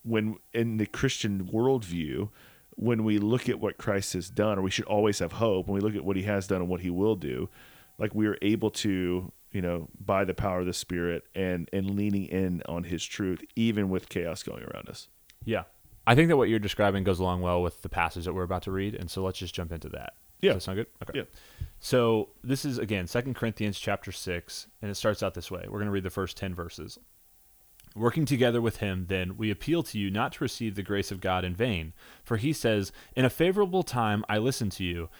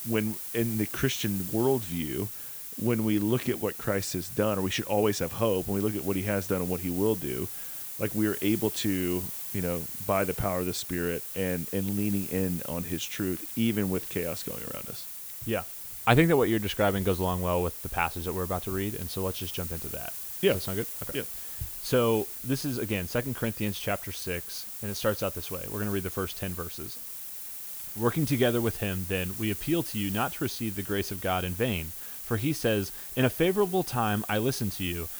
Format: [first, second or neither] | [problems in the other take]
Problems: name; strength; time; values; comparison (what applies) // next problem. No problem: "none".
first | hiss; loud; throughout; 6 dB below the speech; faint in the first